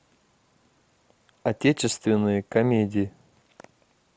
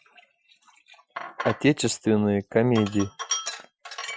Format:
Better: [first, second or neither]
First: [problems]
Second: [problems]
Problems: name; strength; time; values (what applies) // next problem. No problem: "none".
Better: first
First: none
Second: noise reduction (classical method Wiener filter)